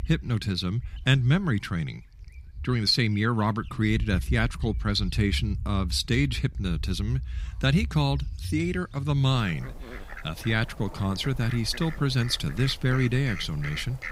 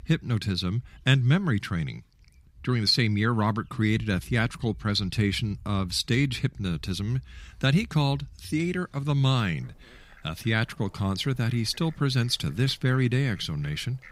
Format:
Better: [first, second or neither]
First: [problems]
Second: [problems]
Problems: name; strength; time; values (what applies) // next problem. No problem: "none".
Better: second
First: animal sounds; loud; throughout; 10 dB below the speech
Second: animal sounds; faint; throughout; 25 dB below the speech